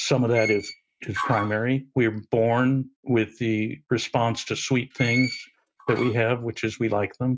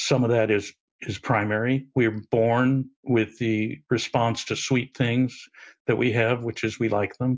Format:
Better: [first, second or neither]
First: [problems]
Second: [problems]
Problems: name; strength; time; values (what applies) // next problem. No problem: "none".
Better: second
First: noise reduction (neural mask model RNNoise)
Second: none